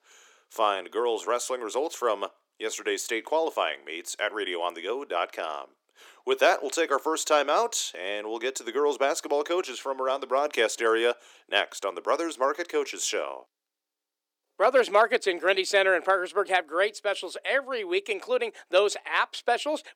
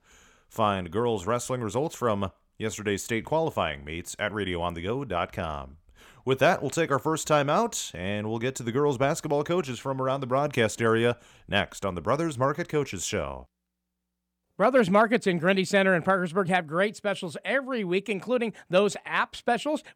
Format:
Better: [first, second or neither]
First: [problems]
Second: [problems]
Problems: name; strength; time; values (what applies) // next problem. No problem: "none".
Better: second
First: thin; very; fading below 350 Hz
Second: none